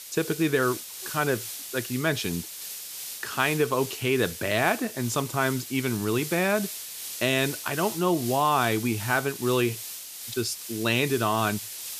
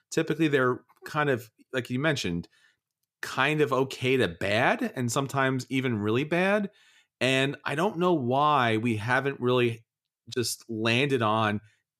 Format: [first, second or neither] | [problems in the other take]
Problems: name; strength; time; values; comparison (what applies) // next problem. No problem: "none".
second | hiss; loud; throughout; 9 dB below the speech